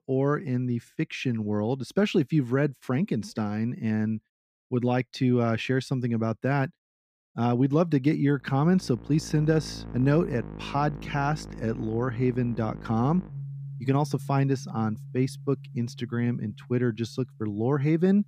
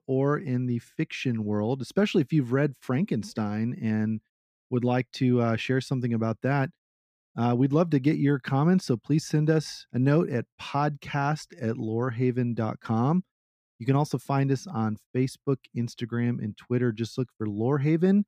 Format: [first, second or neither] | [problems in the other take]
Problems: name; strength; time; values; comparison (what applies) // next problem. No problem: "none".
second | background music; noticeable; from 9 s on; 15 dB below the speech